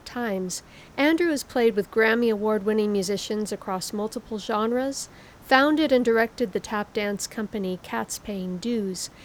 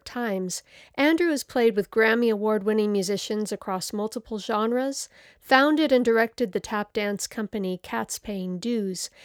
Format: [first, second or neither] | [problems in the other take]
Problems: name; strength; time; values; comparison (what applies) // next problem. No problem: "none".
second | hiss; faint; throughout; 25 dB below the speech